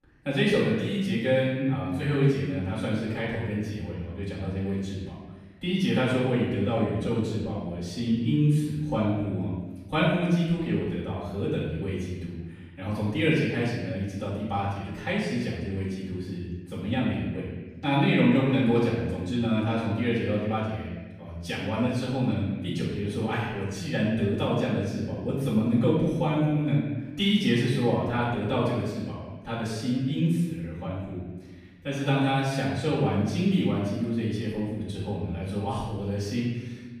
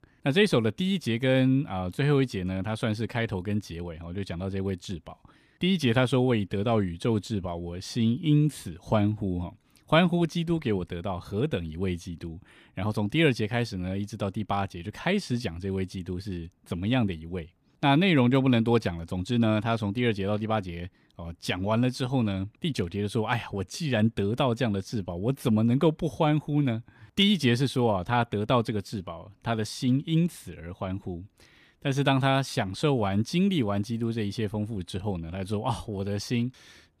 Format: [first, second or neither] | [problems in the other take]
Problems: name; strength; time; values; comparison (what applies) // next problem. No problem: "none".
second | off-mic speech; far // room echo; noticeable; dies away in 1.2 s